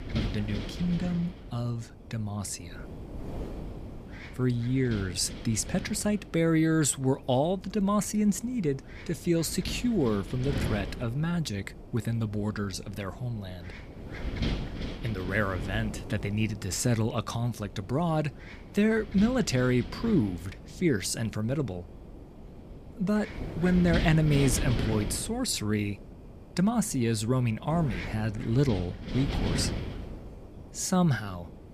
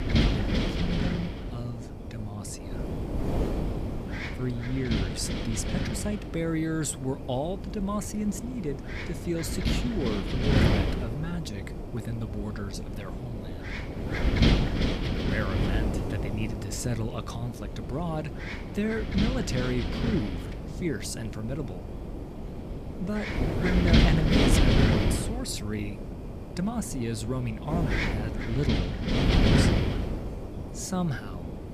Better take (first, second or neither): first